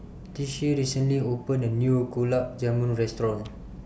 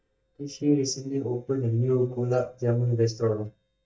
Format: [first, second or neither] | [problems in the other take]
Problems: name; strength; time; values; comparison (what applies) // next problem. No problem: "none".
first | noise reduction (neural mask model DeepFilterNet 3)